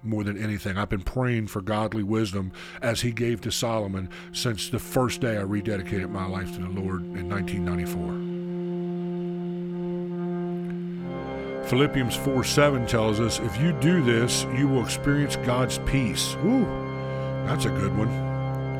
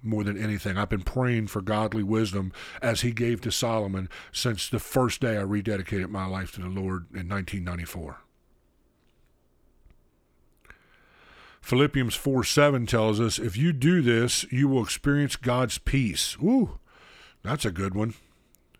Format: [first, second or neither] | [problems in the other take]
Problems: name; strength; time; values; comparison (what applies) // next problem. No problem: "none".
second | background music; loud; throughout; 5 dB below the speech